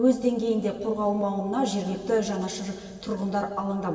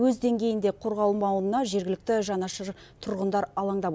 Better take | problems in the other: second | room echo; dies away in 2.4 s

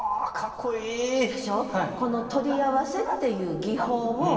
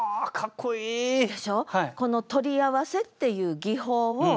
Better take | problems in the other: second | background sound (Bark); 13 dB below the speech // room echo; dies away in 2.4 s

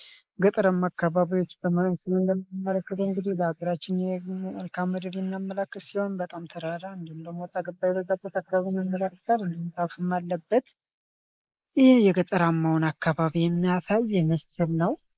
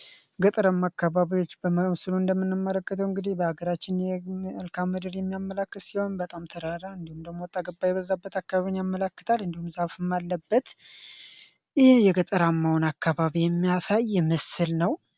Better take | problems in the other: second | noise reduction (neural mask model Resemble Enhance denoiser)

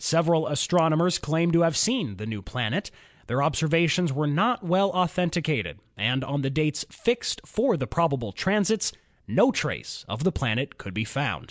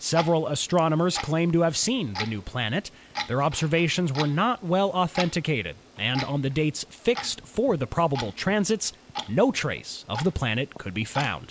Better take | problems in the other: first | background sound (Clock); 14 dB below the speech

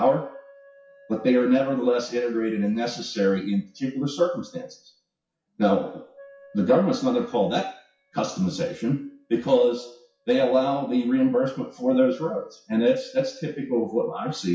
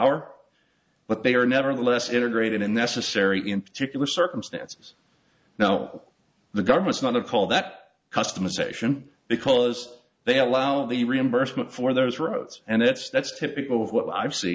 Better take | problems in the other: second | noise reduction (classical method WPE with log-MMSE)

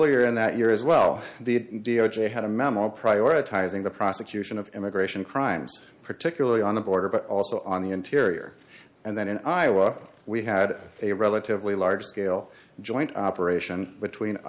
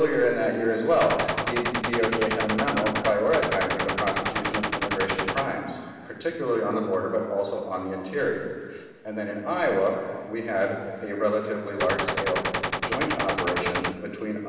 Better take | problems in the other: first | background sound (Gunshot, gunfire); 2 dB below the speech // room echo; dies away in 1.6 s

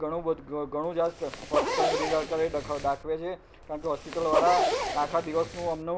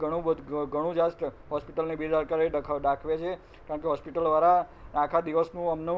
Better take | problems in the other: second | background sound (Zipper (clothing)); 2 dB below the speech

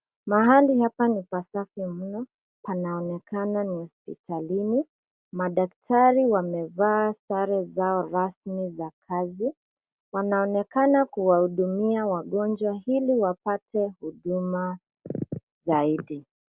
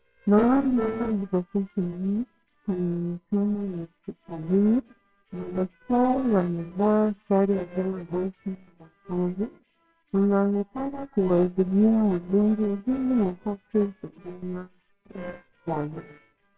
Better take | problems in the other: first | noise reduction (neural separator model SepFormer WHAMR!)

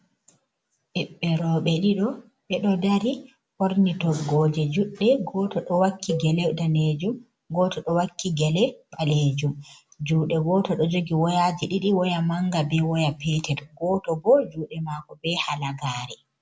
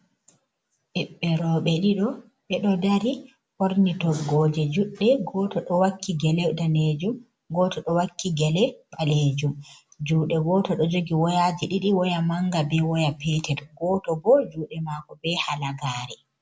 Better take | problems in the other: second | background sound (Cowbell); 14 dB below the speech

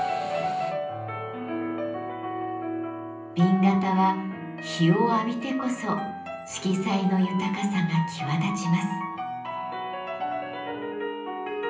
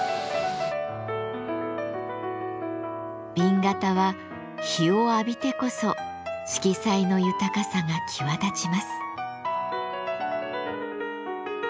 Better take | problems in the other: second | room echo; dies away in 0.6 s

